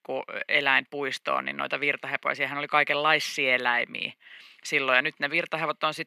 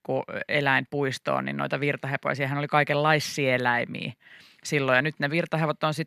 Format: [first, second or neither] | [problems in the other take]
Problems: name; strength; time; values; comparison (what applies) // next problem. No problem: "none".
second | thin; somewhat; fading below 300 Hz